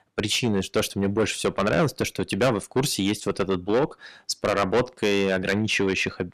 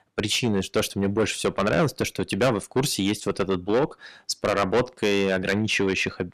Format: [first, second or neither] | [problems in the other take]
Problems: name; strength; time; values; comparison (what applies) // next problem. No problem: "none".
neither | distortion; heavy; 6 dB below the speech; the same in both